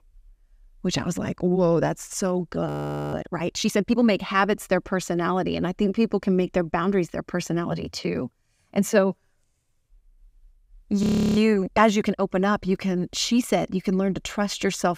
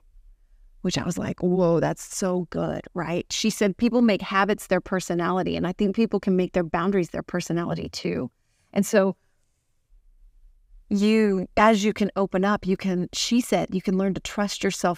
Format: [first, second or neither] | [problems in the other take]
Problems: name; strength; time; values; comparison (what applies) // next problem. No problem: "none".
second | audio freezing; at 2.5 s and at 11 s